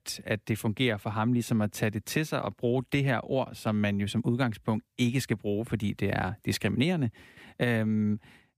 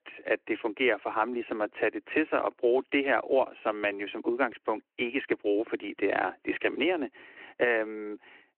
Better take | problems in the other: first | phone-call audio

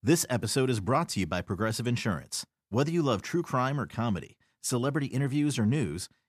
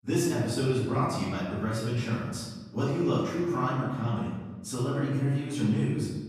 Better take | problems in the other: first | off-mic speech; far // room echo; noticeable; dies away in 1.3 s

